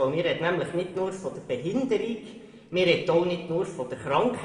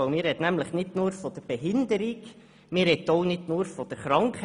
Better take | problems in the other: second | room echo; dies away in 1.8 s

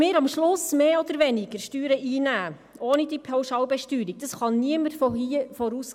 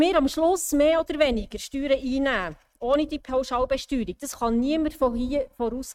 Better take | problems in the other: first | noise reduction (neural mask model RNNoise)

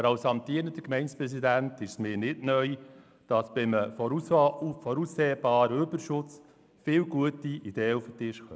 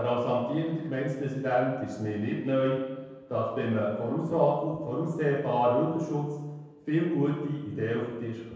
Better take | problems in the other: first | room echo; dies away in 1.2 s

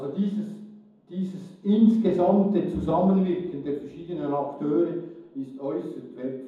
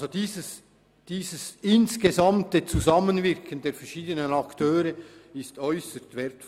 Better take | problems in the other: second | room echo; dies away in 1.2 s

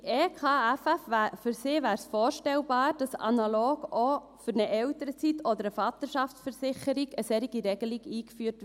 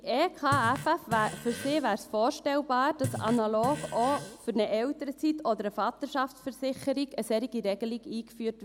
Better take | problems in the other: first | background sound (Fart); 10 dB below the speech

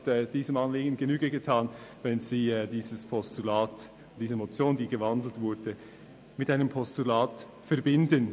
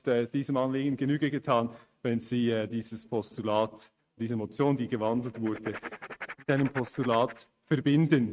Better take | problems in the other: first | noise reduction (neural mask model RNNoise)

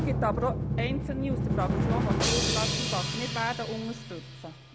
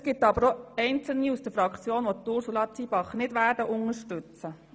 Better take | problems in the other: second | background sound (Drum); 4 dB above the speech

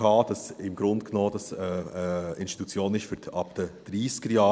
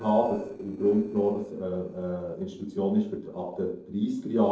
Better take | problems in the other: first | noise reduction (neural separator model SepFormer DNS4)

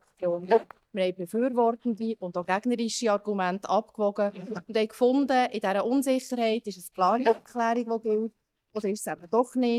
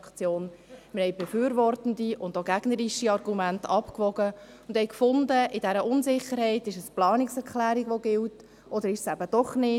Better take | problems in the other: second | noise reduction (neural mask model DeepFilterNet 3)

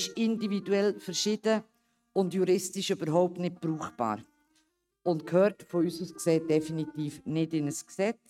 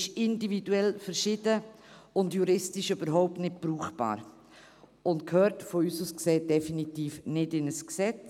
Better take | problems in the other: second | noise reduction (neural mask model RNNoise)

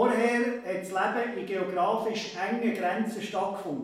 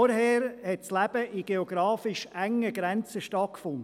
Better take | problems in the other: second | room echo; dies away in 0.7 s

